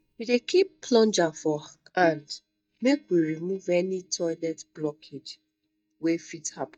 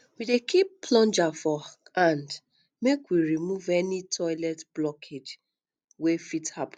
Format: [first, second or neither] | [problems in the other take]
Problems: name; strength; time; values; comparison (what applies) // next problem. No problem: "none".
second | noise reduction (neural mask model DeepFilterNet 3)